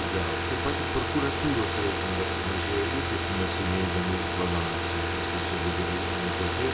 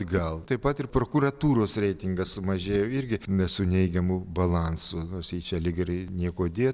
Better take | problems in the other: second | background sound (Car); 3 dB above the speech // room echo; dies away in 1.1 s

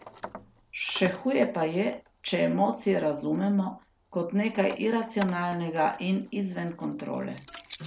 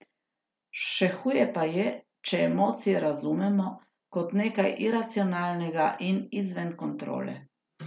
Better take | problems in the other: second | background sound (Keys jangling); 19 dB below the speech

